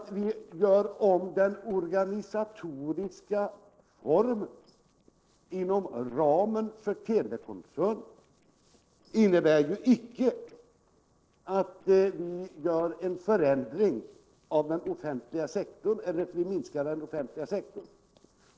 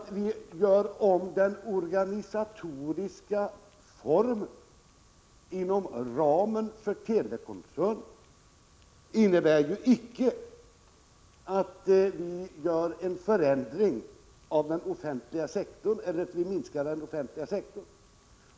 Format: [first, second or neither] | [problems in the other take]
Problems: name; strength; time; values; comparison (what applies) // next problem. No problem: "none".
second | noise reduction (neural separator model SepFormer DNS4)